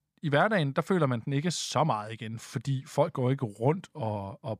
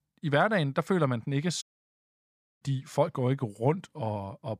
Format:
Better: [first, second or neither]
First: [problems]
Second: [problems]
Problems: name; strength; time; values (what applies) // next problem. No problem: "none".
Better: first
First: none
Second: audio cutting out; at 1.5 s for 1 s